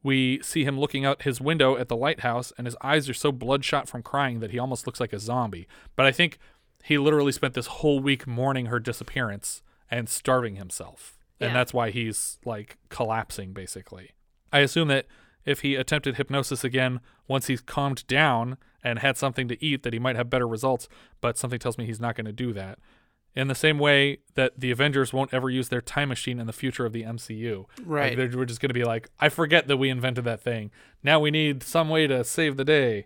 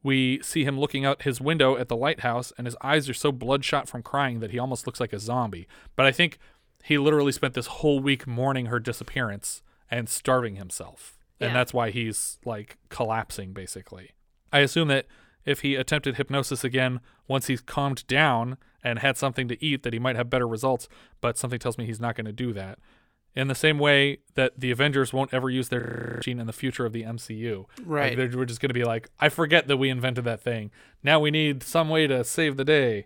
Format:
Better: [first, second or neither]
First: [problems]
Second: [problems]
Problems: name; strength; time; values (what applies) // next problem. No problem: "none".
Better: first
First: none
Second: audio freezing; at 26 s